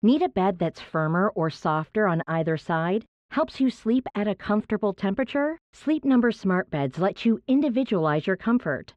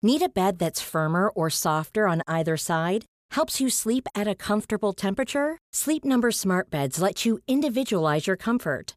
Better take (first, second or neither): second